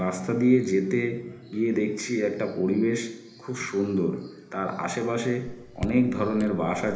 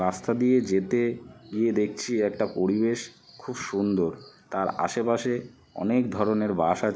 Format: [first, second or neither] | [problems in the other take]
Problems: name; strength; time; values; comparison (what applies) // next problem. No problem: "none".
second | background sound (Raindrop / Drip); 13 dB below the speech // room echo; dies away in 1 s